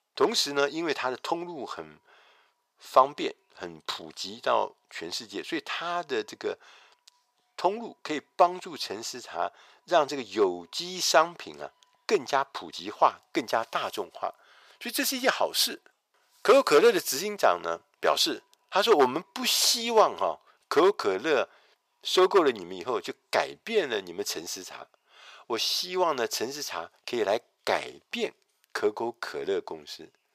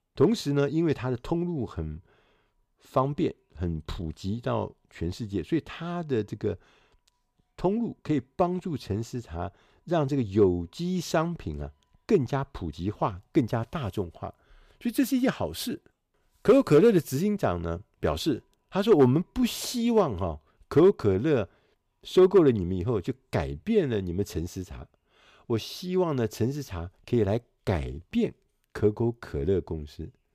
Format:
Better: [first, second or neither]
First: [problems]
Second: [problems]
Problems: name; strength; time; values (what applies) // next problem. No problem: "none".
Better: second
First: thin; very; fading below 750 Hz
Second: none